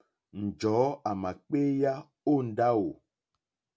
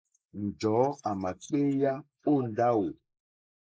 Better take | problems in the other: first | noise reduction (neural mask model Resemble Enhance denoiser)

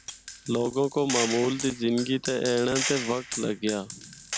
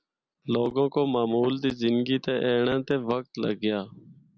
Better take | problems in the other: second | background sound (Gunshot, gunfire); 8 dB below the speech

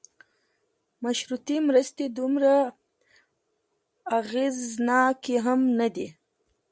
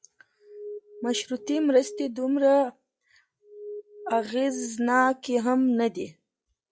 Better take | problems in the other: first | noise reduction (classical method log-MMSE)

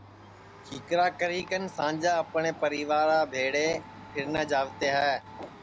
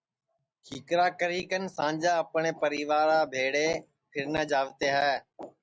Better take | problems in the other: second | background sound (Domestic sounds, home sounds); 18 dB below the speech

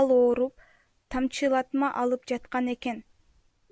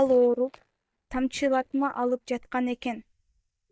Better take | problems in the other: first | noise reduction (neural mask model DeepFilterNet 3)

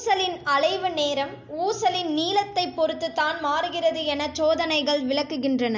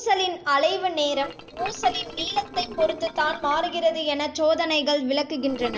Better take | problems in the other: first | noise reduction (neural separator model SepFormer DNS4)

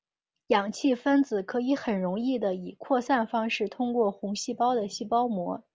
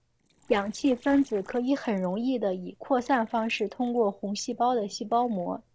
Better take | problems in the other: first | noise reduction (neural separator model SepFormer DNS4)

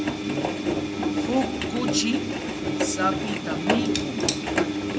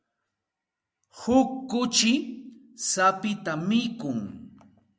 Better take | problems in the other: second | background sound (Engine); 5 dB above the speech

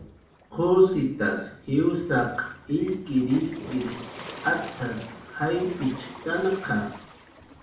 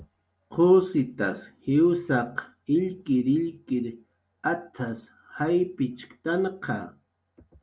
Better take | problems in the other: second | background sound (Waves, surf); 17 dB below the speech // room echo; dies away in 0.5 s

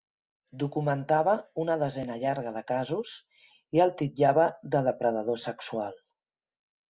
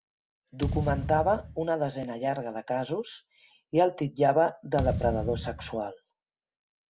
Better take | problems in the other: first | background sound (Thump, thud); 5 dB below the speech

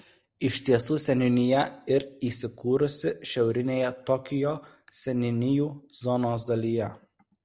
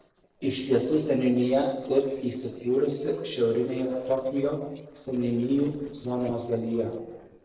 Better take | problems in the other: first | noise reduction (neural separator model SepFormer DNS4)

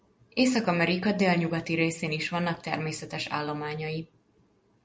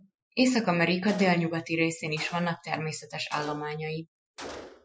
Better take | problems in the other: first | noise reduction (classical method Wiener filter)

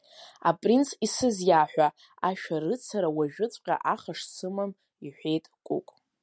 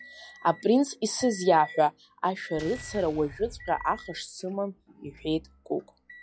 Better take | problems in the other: first | noise reduction (classical method log-MMSE)

